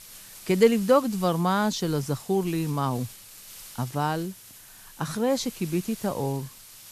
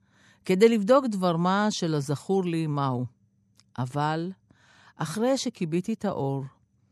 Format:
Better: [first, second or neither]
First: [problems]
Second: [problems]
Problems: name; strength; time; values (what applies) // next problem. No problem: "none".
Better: second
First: hiss; noticeable; throughout; 15 dB below the speech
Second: none